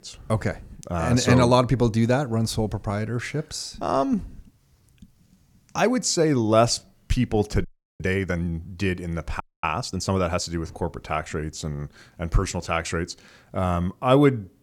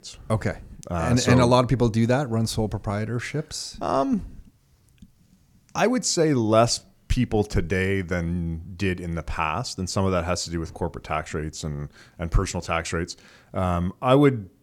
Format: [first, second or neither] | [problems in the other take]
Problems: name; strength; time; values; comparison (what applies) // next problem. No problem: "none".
second | audio freezing; at 7.5 s and at 9.5 s